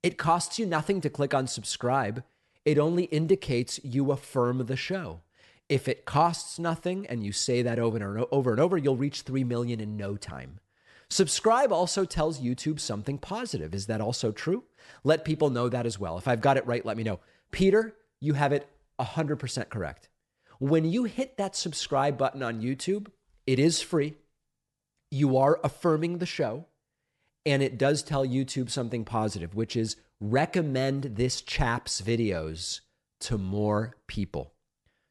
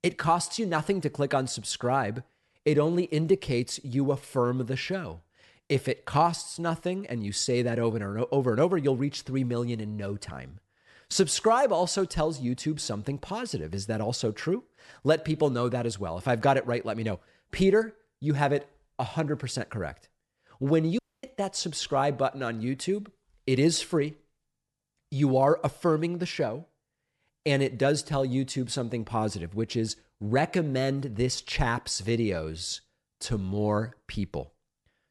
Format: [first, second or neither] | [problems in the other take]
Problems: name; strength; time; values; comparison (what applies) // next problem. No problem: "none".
first | audio cutting out; at 21 s